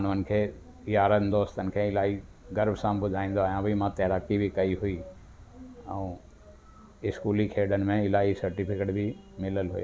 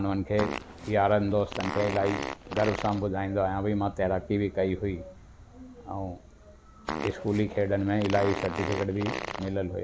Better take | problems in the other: first | background sound (Fart); 7 dB below the speech

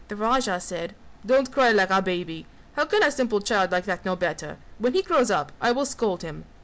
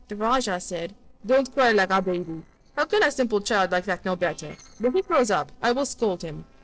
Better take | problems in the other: first | noise reduction (neural separator model SepFormer DNS4)

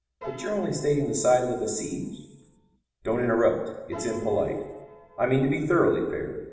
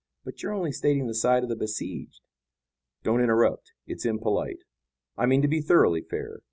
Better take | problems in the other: second | background sound (Piano); 18 dB below the speech // room echo; dies away in 1.1 s

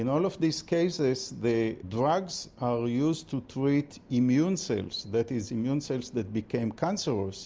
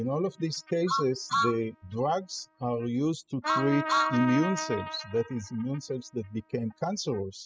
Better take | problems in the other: first | noise reduction (classical method spectral subtraction)

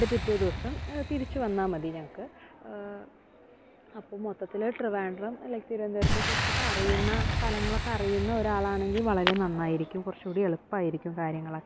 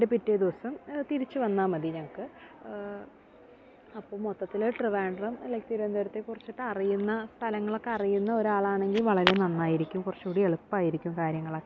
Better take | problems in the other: second | background sound (Boom); 3 dB below the speech

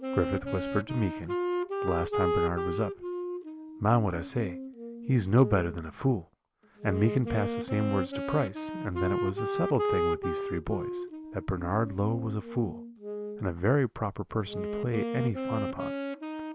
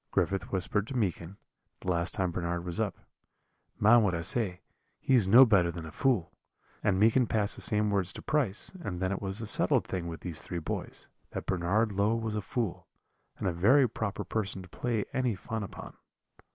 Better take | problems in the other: second | background sound (Wind instrument, woodwind instrument); 4 dB below the speech

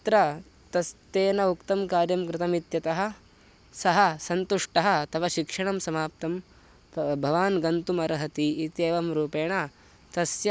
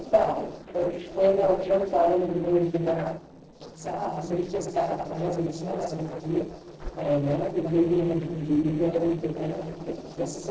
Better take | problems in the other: first | noise reduction (neural separator model SepFormer DNS4)

